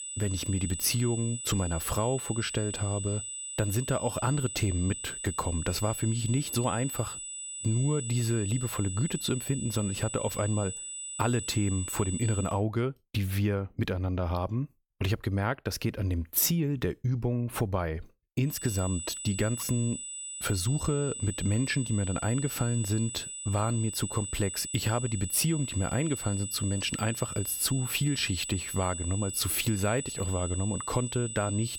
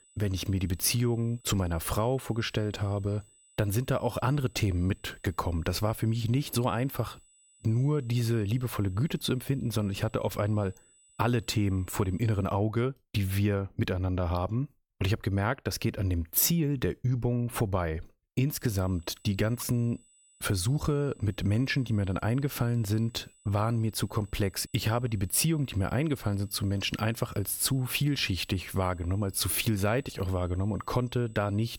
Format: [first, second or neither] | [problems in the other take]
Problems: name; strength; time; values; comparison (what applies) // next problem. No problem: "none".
second | high-pitched whine; loud; until 13 s and from 19 s on; 8 kHz, 6 dB below the speech; faint in the second